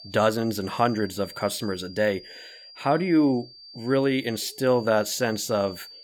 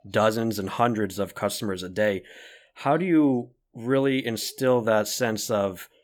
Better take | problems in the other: second | high-pitched whine; noticeable; throughout; 4.5 kHz, 20 dB below the speech

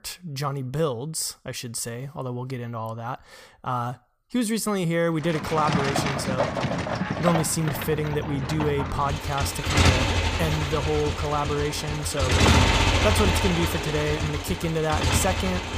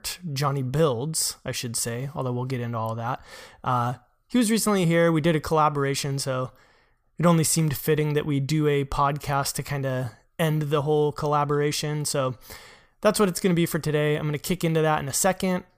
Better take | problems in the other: second | traffic noise; very loud; from 5.5 s on; 2 dB above the speech

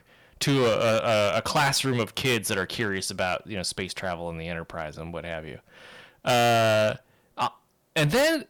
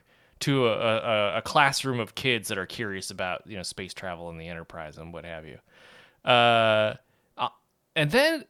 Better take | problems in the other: second | distortion; heavy; 10% of the sound clipped

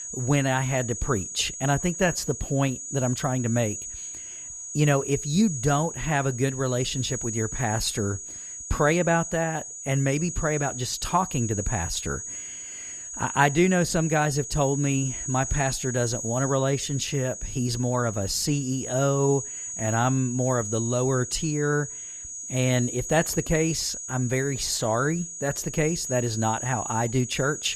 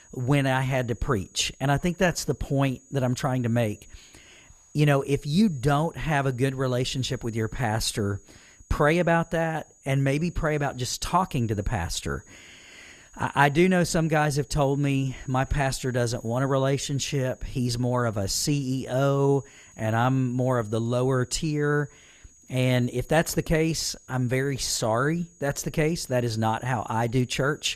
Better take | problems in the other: second | high-pitched whine; loud; throughout; 6.5 kHz, 7 dB below the speech; faint in the second

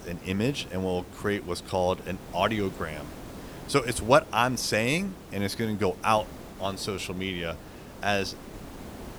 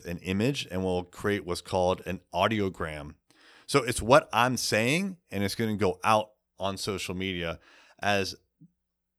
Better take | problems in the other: second | hiss; noticeable; throughout; 15 dB below the speech

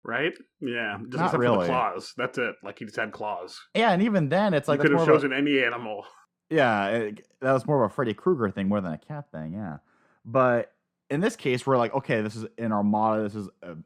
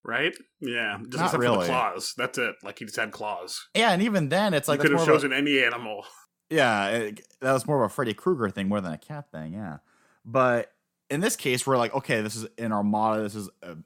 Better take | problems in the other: second | muffled; slightly; fading above 1.5 kHz

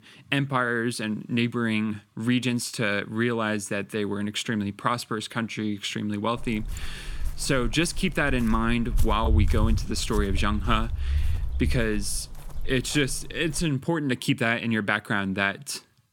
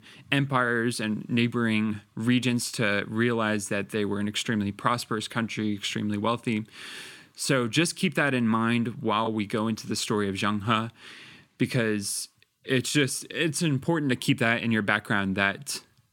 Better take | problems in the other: second | footsteps; loud; from 6.5 to 14 s; peak 3 dB above the speech

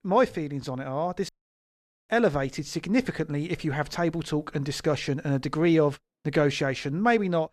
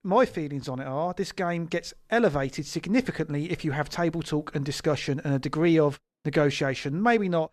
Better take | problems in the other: second | audio cutting out; at 1.5 s for 1 s

